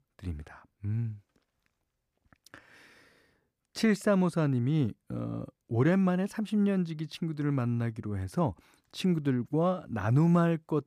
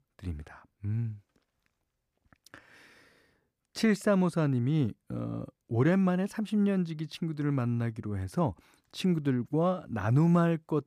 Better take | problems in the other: neither | none

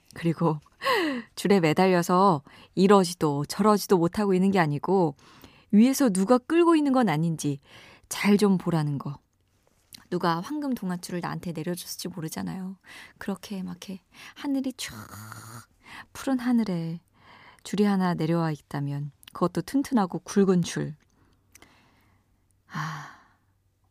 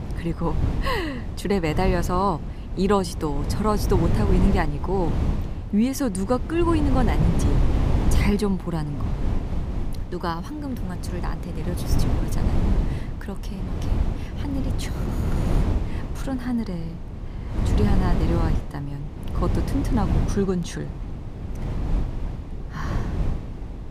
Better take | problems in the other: first | wind noise on the microphone; heavy; 7 dB below the speech

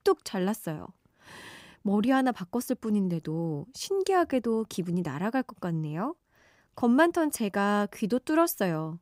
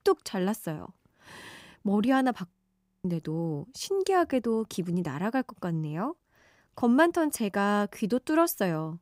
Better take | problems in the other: first | audio freezing; at 2.5 s for 0.5 s

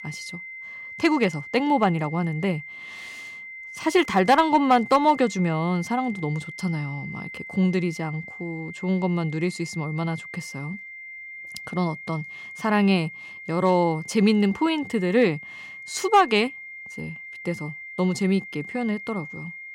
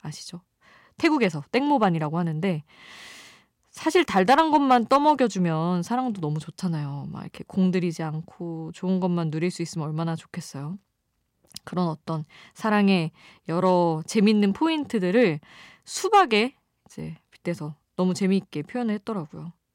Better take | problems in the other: second | high-pitched whine; noticeable; throughout; 2 kHz, 15 dB below the speech

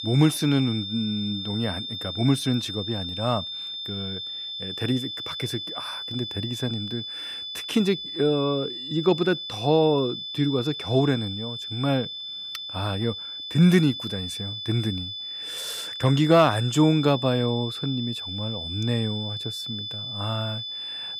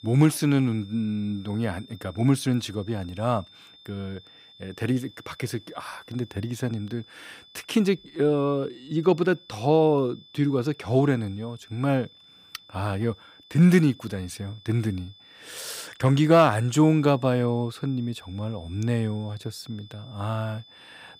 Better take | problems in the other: second | high-pitched whine; loud; throughout; 3.5 kHz, 6 dB below the speech; faint in the second

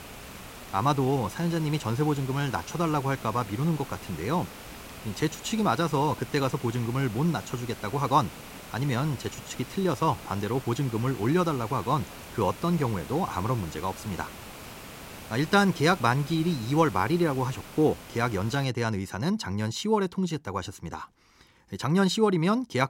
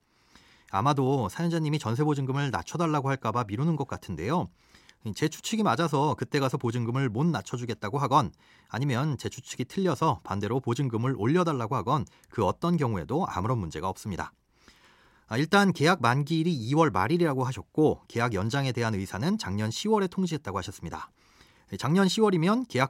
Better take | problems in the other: second | hiss; noticeable; until 19 s; 15 dB below the speech

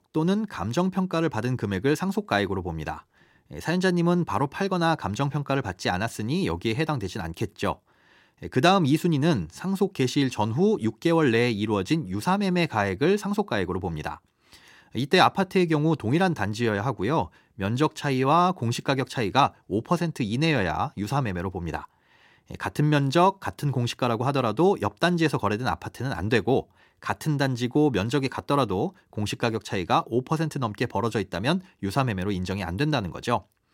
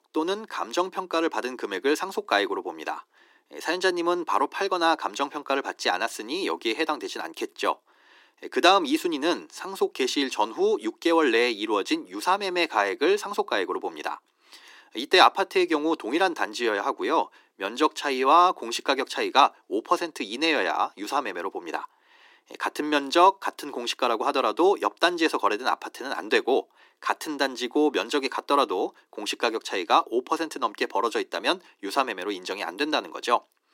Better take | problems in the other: first | thin; somewhat; fading below 300 Hz

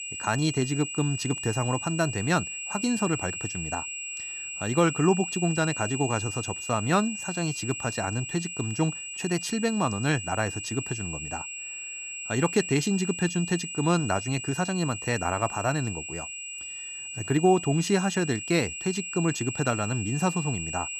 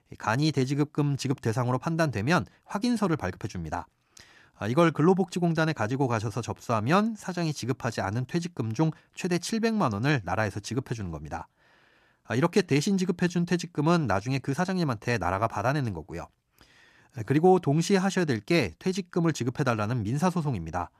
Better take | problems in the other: second | high-pitched whine; loud; throughout; 3 kHz, 6 dB below the speech

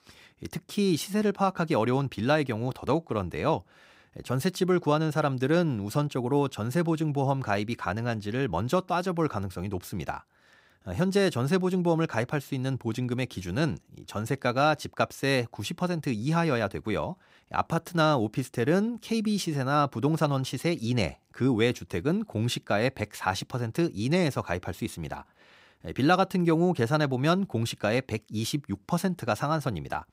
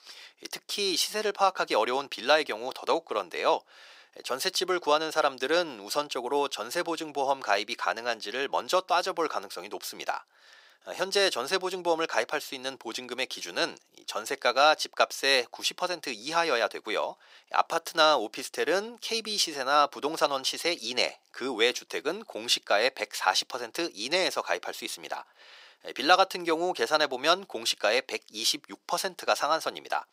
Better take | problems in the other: first | thin; very; fading below 450 Hz

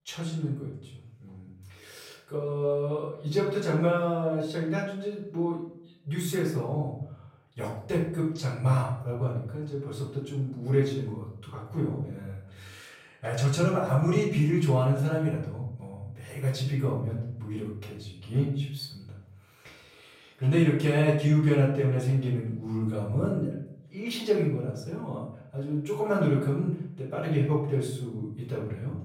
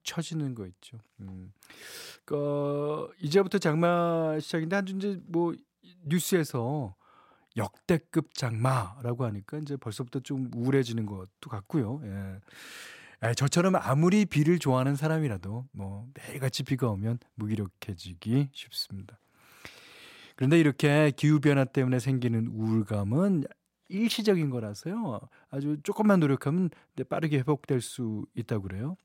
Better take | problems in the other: second | off-mic speech; far // room echo; noticeable; dies away in 0.6 s

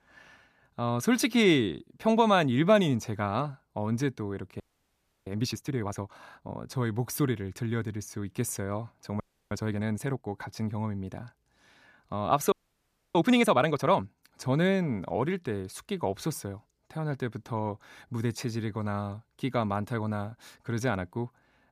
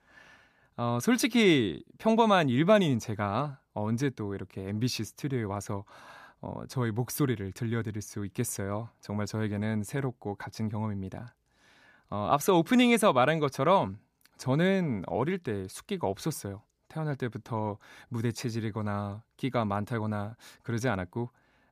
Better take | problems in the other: second | audio freezing; at 4.5 s for 0.5 s, at 9 s and at 13 s for 0.5 s

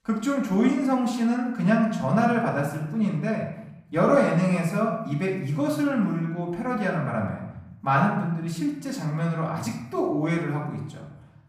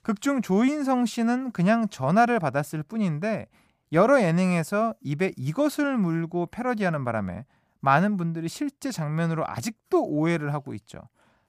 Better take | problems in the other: second | off-mic speech; far // room echo; noticeable; dies away in 0.8 s

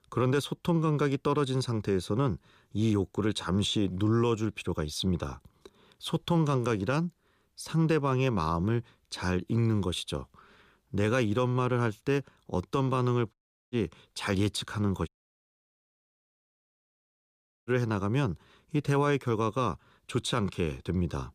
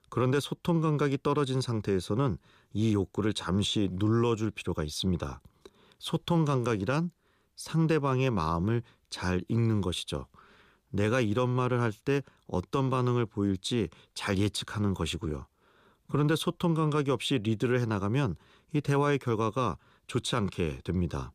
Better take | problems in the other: second | audio cutting out; at 13 s and at 15 s for 2.5 s

